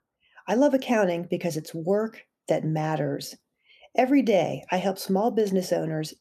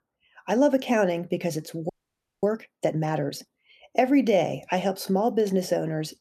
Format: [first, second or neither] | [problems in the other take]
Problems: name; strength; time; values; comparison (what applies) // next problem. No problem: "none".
first | audio freezing; at 2 s for 0.5 s